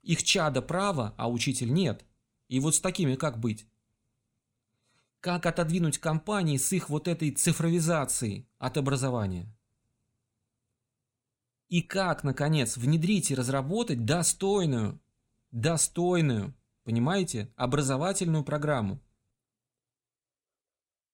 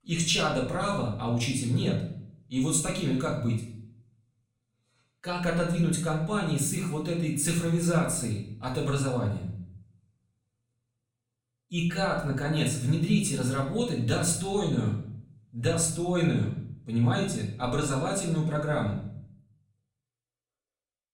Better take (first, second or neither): first